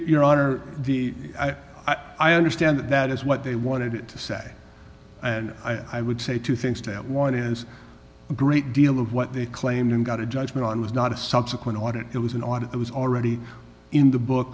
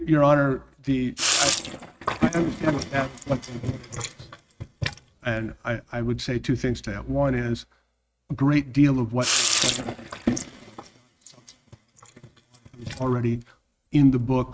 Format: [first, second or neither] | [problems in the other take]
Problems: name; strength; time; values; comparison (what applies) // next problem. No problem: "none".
first | noise reduction (neural mask model RNNoise)